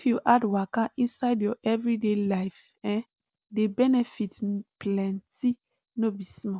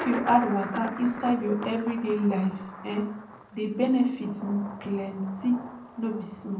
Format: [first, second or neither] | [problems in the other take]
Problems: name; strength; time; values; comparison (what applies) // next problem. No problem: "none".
first | background sound (Thunder); 13 dB below the speech // room echo; dies away in 0.6 s